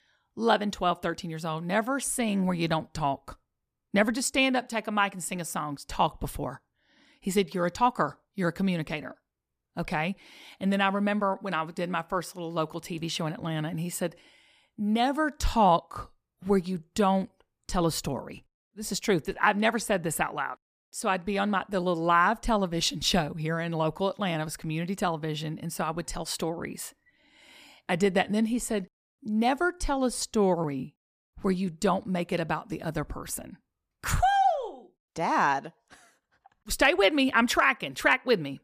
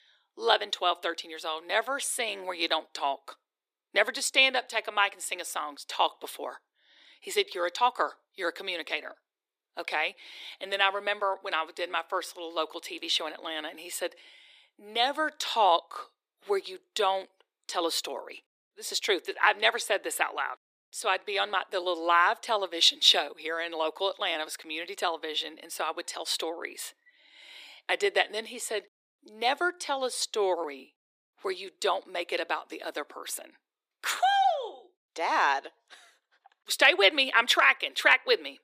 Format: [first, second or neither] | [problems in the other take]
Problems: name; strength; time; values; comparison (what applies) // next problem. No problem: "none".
first | thin; very; fading below 350 Hz